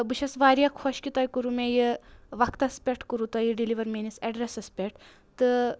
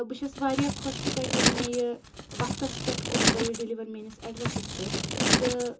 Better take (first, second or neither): first